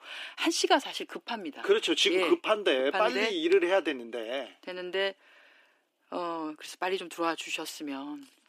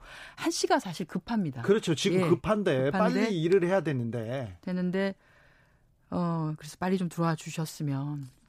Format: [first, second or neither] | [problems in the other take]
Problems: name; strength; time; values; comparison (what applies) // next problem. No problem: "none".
second | thin; somewhat; fading below 300 Hz